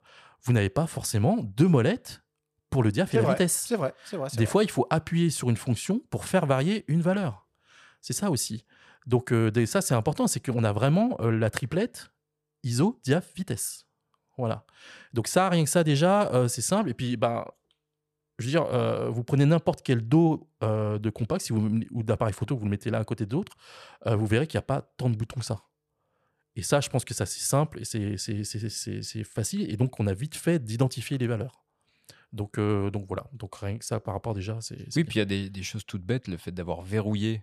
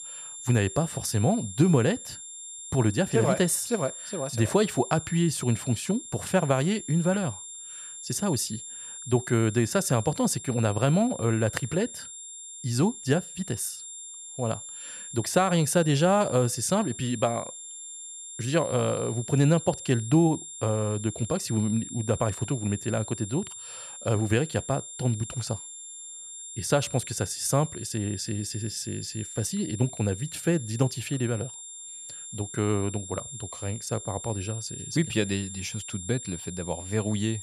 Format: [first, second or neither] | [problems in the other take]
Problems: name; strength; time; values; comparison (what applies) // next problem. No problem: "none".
first | high-pitched whine; noticeable; throughout; 7.5 kHz, 10 dB below the speech